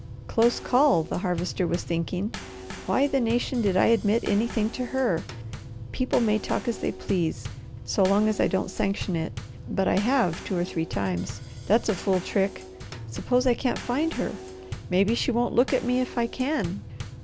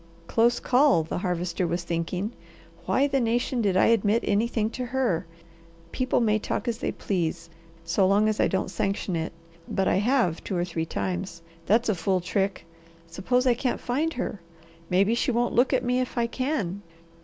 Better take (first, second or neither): second